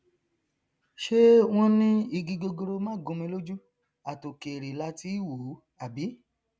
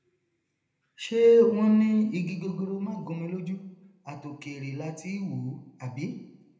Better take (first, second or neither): first